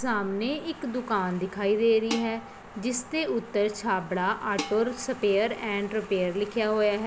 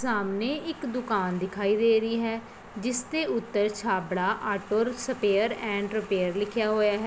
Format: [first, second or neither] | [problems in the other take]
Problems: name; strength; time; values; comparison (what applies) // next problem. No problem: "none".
second | background sound (Dishes, pots, and pans); 15 dB below the speech